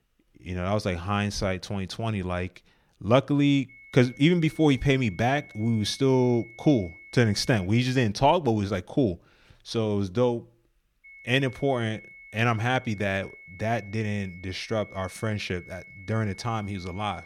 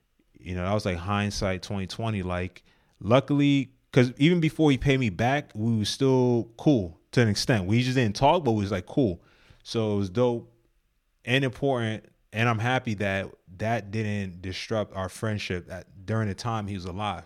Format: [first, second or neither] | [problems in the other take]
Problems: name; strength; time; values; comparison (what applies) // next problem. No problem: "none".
second | high-pitched whine; faint; from 3.5 to 7.5 s and from 11 s on; 2 kHz, 20 dB below the speech